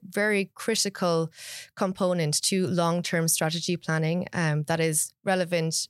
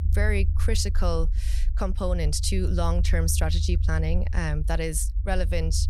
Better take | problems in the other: first | low rumble; noticeable; throughout; 15 dB below the speech

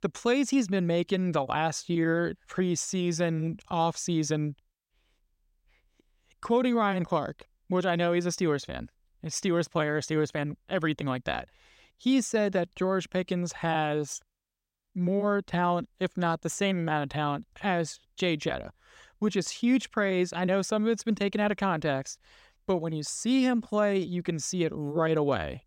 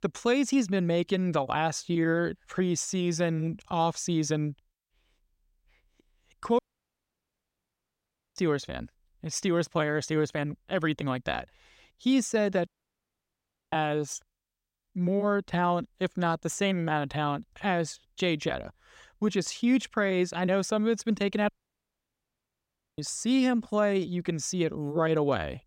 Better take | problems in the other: first | audio cutting out; at 6.5 s for 2 s, at 13 s for 1 s and at 21 s for 1.5 s

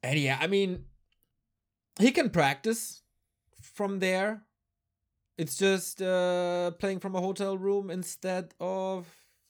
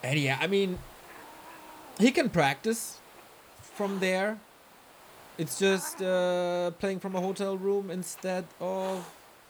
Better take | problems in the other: first | hiss; noticeable; throughout; 20 dB below the speech

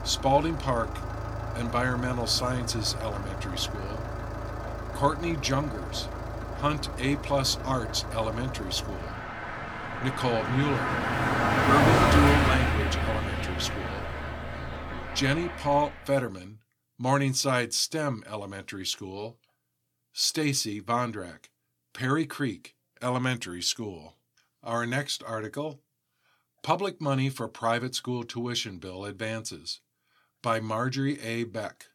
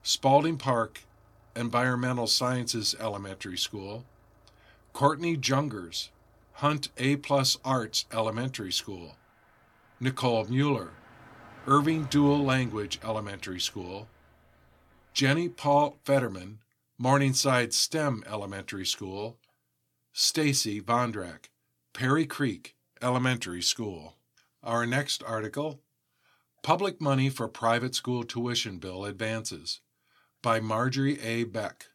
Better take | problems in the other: second | traffic noise; loud; until 16 s; 1 dB below the speech; faint in the second

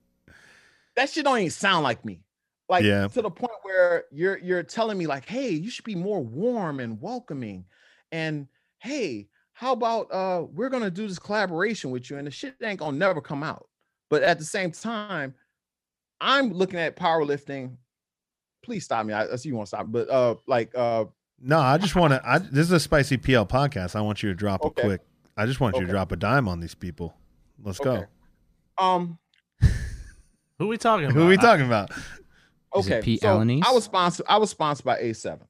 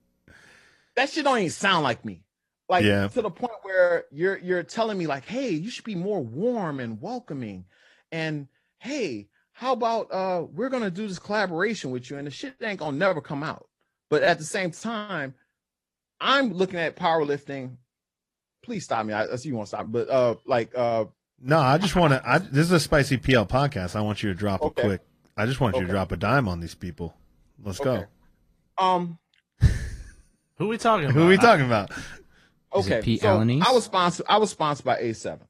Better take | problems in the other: first | garbled, watery; slightly; nothing above 15 kHz

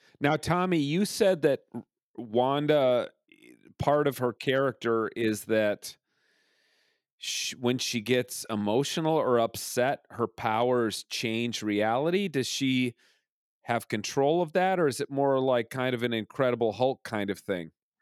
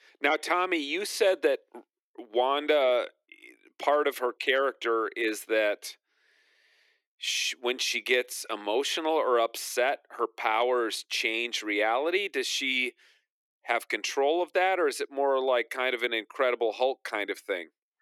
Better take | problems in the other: first | thin; somewhat; fading below 350 Hz

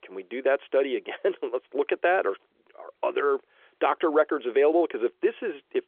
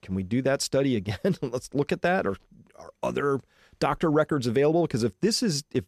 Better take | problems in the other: second | phone-call audio; nothing above 3.5 kHz

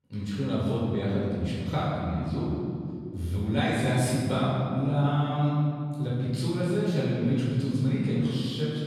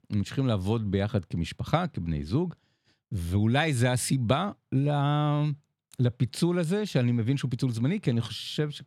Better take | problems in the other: second | off-mic speech; far // room echo; strong; dies away in 2.1 s

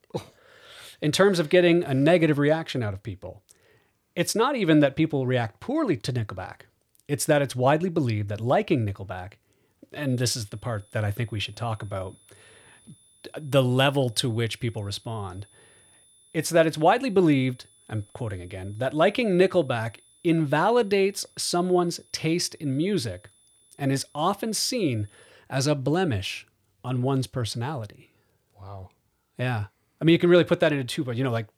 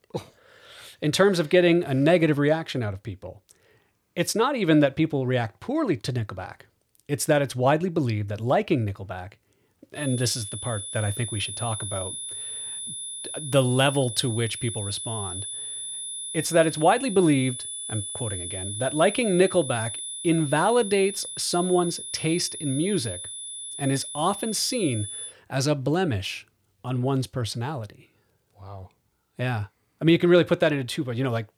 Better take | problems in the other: first | high-pitched whine; loud; from 10 to 25 s; 10.5 kHz, 8 dB below the speech; faint in the first

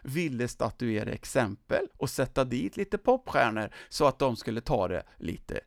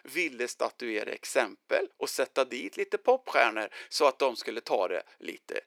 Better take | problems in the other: first | thin; somewhat; fading below 350 Hz

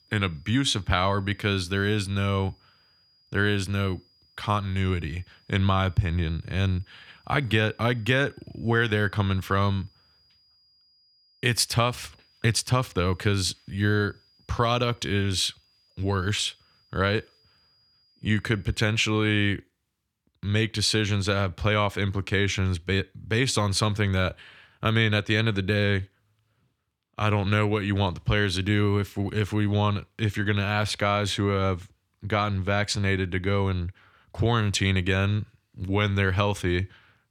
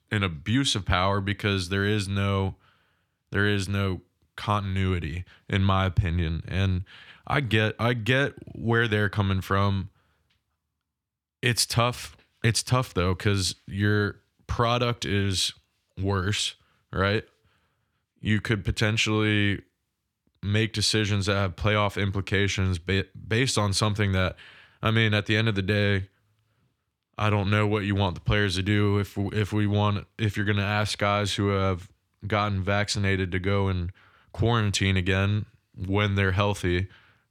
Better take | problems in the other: second | high-pitched whine; faint; until 19 s; 5 kHz, 35 dB below the speech

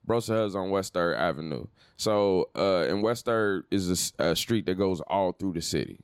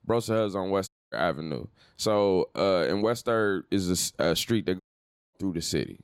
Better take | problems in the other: first | audio cutting out; at 1 s and at 5 s for 0.5 s

